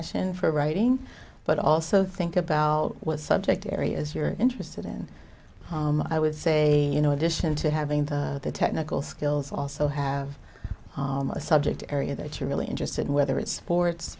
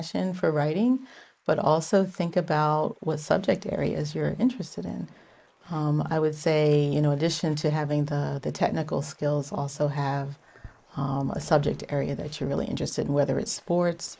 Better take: first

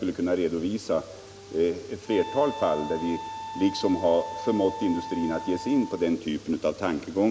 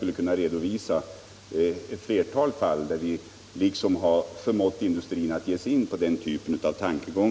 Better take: second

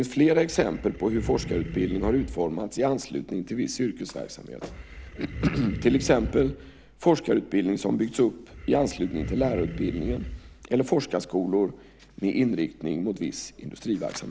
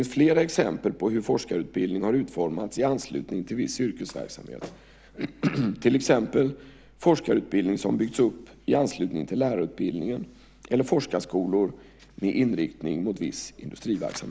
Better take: second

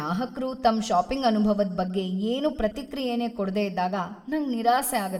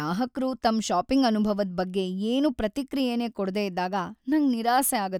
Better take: second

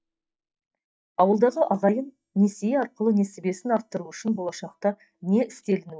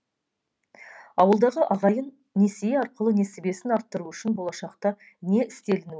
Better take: second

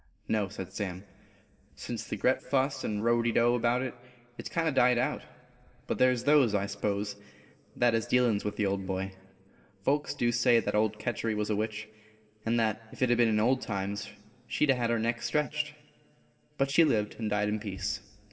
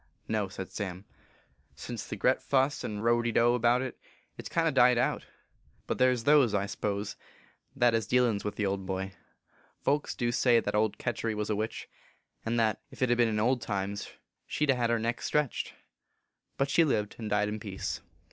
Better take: second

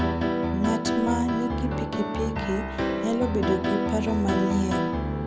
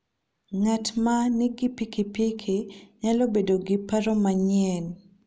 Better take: second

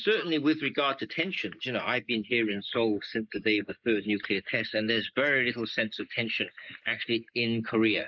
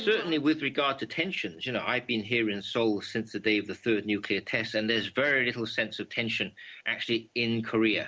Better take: second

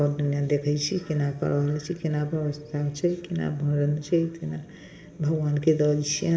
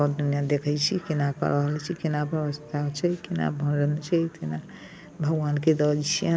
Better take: second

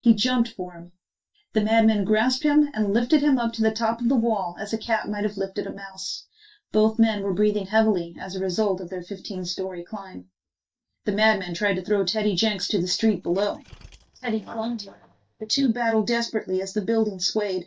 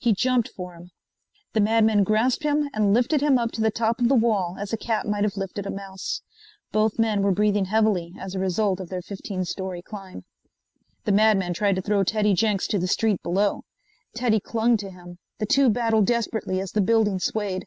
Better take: second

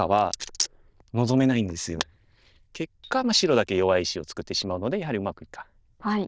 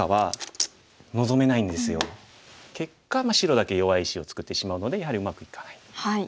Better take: second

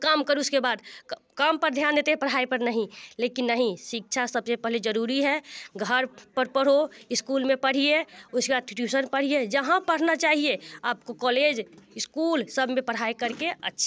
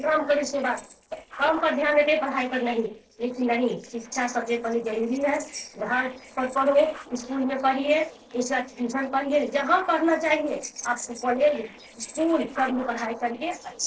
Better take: first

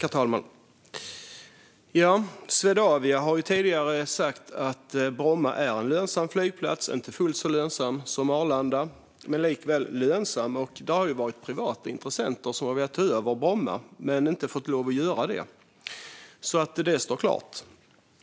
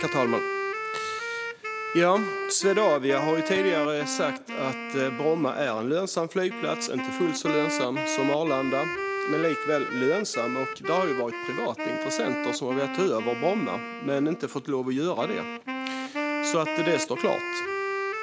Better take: first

